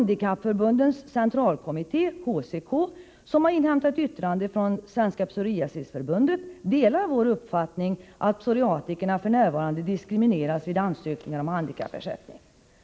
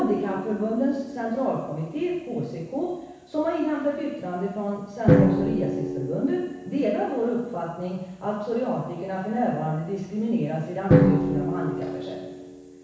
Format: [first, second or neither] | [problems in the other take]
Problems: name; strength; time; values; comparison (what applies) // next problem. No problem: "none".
first | background sound (Drum); 1 dB below the speech // room echo; dies away in 1.1 s